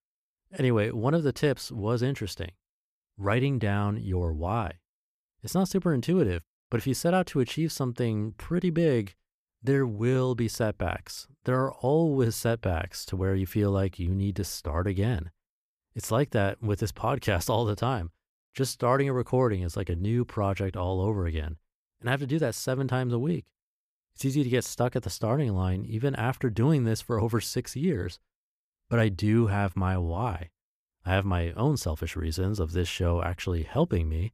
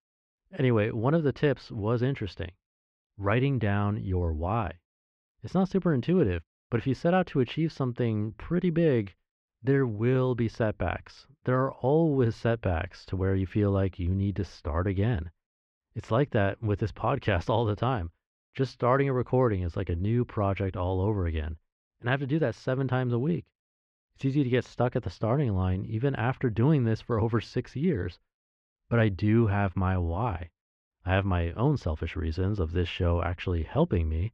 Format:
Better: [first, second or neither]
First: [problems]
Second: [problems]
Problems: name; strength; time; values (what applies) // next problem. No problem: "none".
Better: first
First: none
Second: muffled; slightly; fading above 3.5 kHz